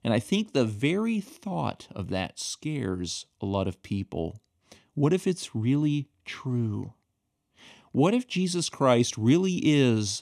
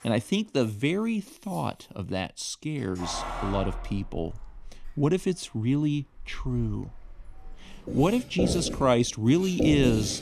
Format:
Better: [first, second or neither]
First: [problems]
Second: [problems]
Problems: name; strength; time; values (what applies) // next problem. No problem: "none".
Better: first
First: none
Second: household noises; loud; throughout; 6 dB below the speech